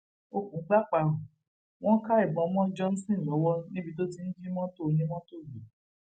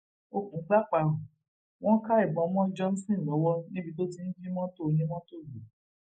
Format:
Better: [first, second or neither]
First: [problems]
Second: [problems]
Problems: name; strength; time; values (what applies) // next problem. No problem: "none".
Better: first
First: none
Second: noise reduction (neural mask model Resemble Enhance denoiser)